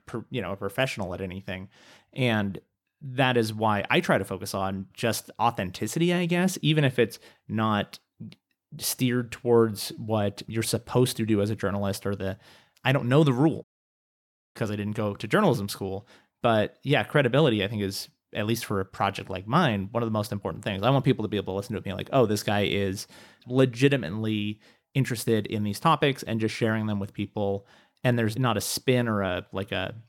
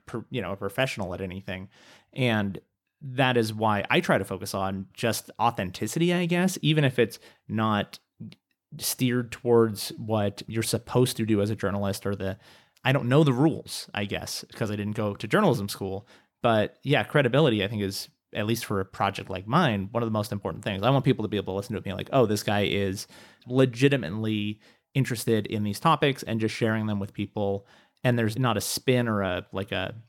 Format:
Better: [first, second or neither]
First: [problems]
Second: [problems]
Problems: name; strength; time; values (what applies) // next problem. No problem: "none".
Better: second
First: audio cutting out; at 14 s for 1 s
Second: none